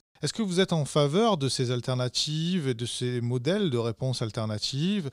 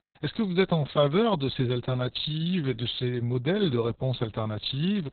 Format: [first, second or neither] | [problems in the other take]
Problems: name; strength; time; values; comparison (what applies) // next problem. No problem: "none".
first | garbled, watery; badly; nothing above 4 kHz